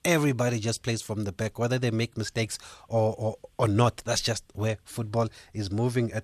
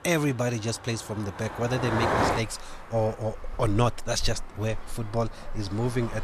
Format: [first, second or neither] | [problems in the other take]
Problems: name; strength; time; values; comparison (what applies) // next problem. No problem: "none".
first | traffic noise; loud; throughout; 4 dB below the speech